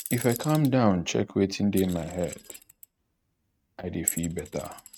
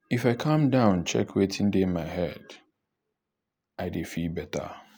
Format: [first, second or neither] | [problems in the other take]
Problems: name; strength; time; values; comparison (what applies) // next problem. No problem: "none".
second | noise reduction (neural mask model RNNoise)